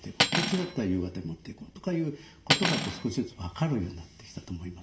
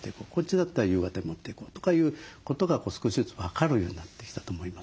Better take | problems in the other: second | background sound (Cutlery, silverware); as loud as the speech // room echo; dies away in 0.7 s

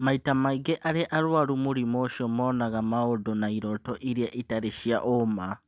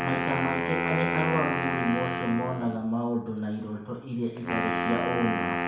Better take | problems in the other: first | background sound (Wind instrument, woodwind instrument); as loud as the speech // room echo; dies away in 0.6 s

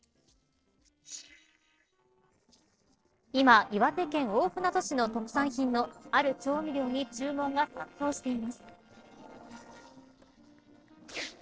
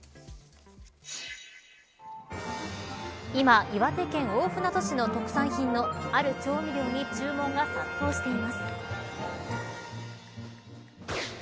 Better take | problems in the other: second | noise reduction (neural separator model SepFormer DNS4)

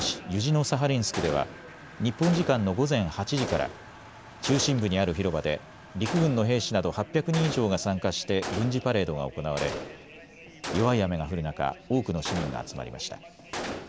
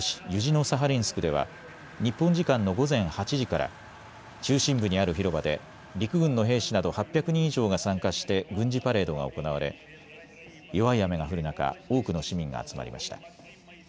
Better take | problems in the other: second | background sound (Gunshot, gunfire); 11 dB below the speech

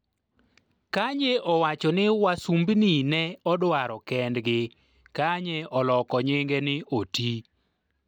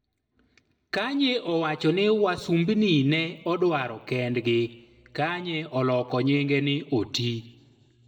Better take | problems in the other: first | room echo; dies away in 0.9 s

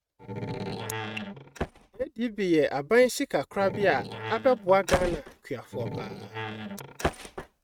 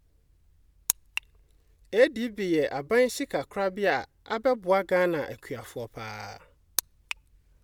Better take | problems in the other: second | noise reduction (neural mask model RNNoise)

